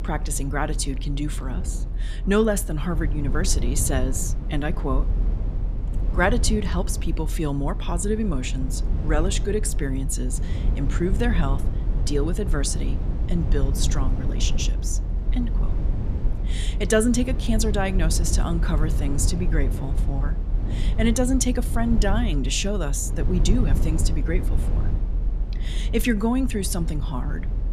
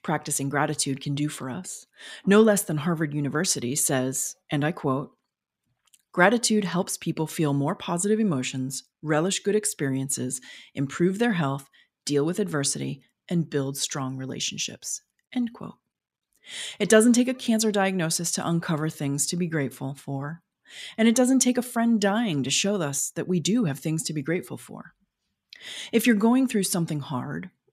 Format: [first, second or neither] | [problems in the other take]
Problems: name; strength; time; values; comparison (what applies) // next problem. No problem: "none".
second | low rumble; noticeable; throughout; 10 dB below the speech